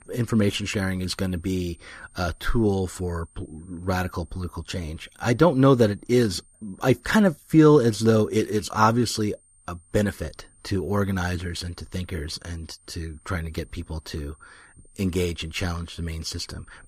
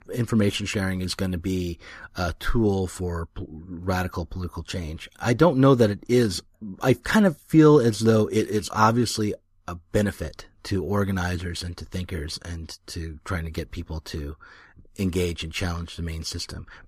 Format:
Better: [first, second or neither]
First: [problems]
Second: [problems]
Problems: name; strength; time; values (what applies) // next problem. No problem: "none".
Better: second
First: high-pitched whine; faint; throughout; 8.5 kHz, 30 dB below the speech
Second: none